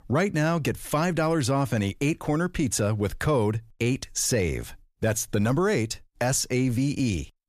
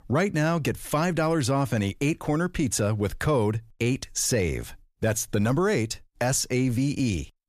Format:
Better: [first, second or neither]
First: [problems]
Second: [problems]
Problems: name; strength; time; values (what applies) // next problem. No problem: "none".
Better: neither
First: none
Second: none